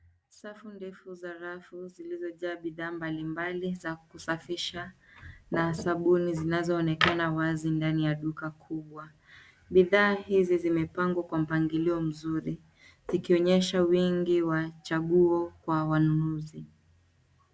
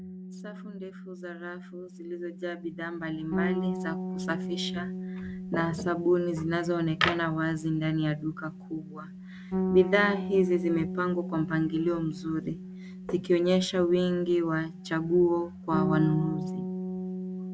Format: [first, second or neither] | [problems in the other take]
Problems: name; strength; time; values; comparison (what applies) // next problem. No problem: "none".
first | background sound (Bass guitar); 7 dB below the speech